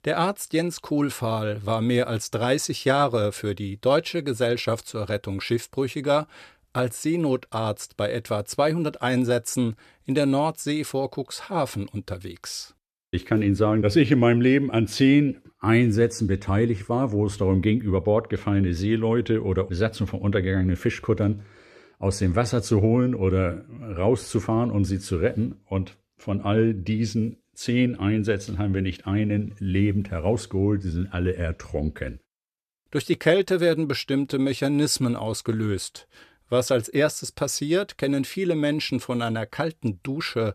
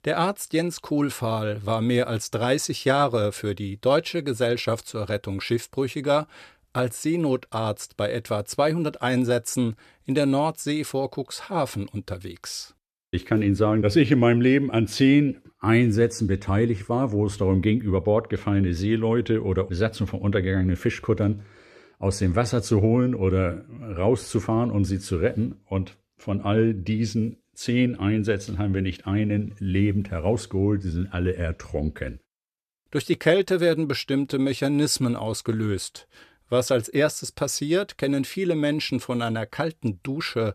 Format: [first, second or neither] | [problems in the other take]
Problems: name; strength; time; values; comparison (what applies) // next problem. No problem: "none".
neither | none